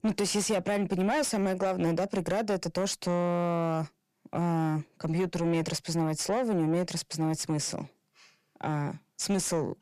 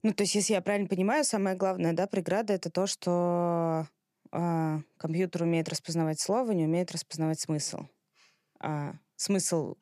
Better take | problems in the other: second | distortion; slight; 10 dB below the speech

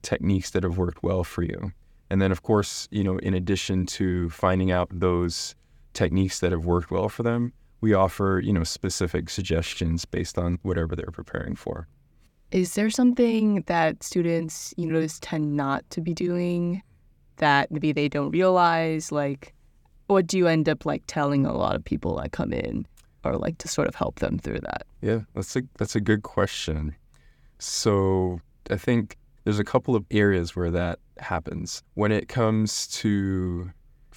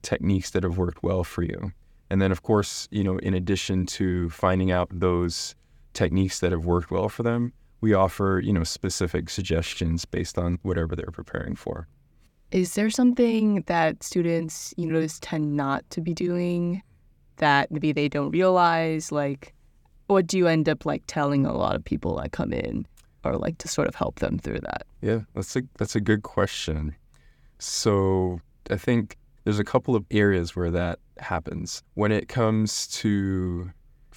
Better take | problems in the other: neither | none

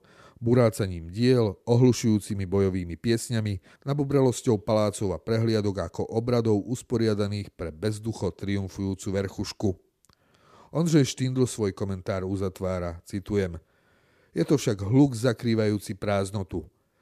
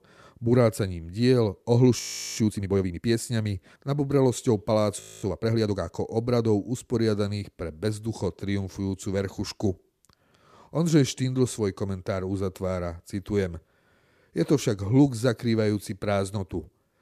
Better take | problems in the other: first | audio freezing; at 2 s and at 5 s

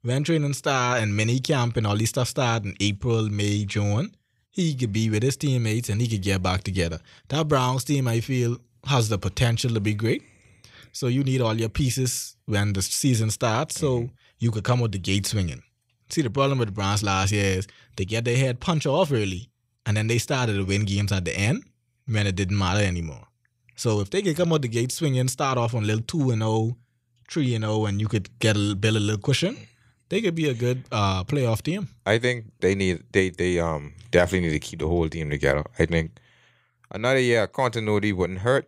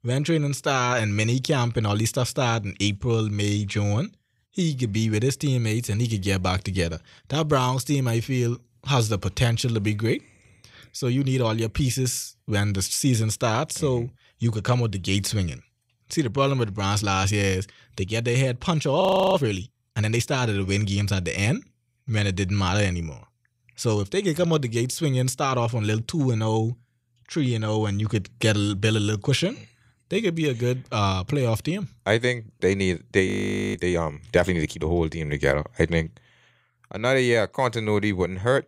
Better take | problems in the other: first | audio freezing; at 19 s and at 33 s

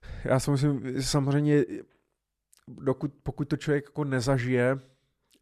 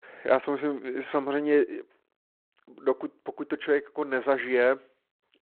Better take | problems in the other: first | phone-call audio; nothing above 3.5 kHz

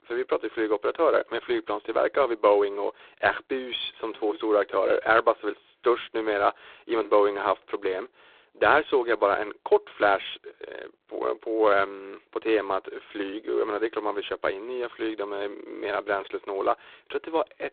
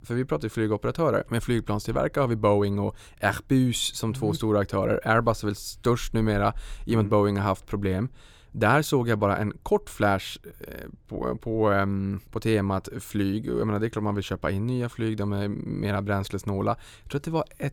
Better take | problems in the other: second | phone-call audio; poor line

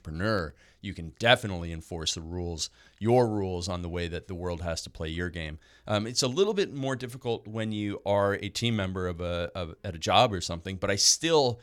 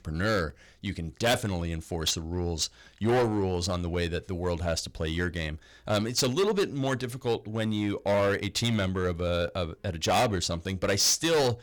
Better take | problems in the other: first | distortion; heavy; 9% of the sound clipped

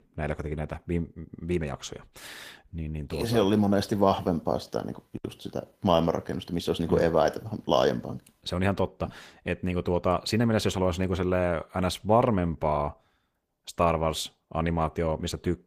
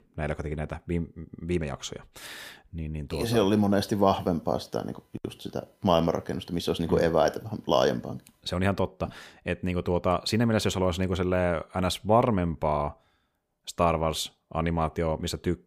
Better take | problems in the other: second | garbled, watery; slightly; nothing above 15 kHz

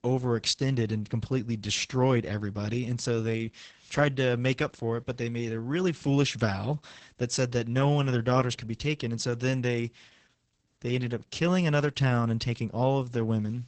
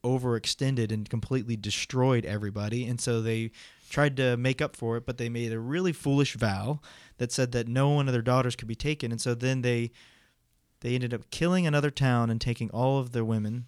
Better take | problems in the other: second | garbled, watery; badly; nothing above 8 kHz

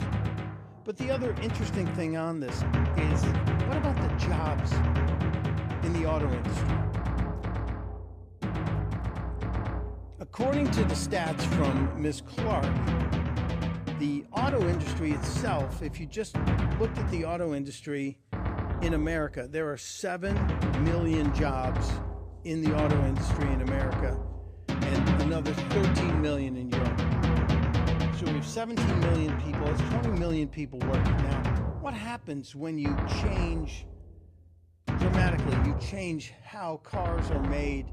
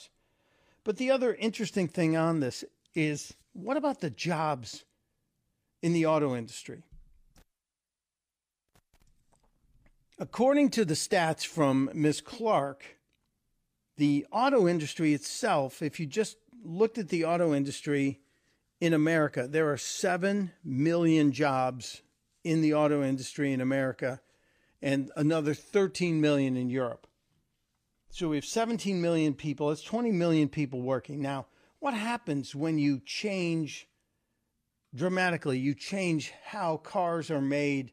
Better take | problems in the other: second | background music; very loud; throughout; 3 dB above the speech

